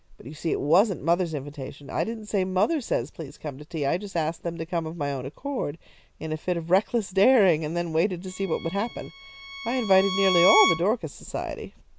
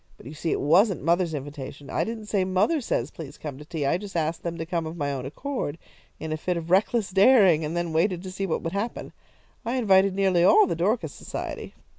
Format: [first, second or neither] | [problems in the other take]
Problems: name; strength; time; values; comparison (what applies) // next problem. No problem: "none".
second | background sound (Bowed string instrument); 5 dB below the speech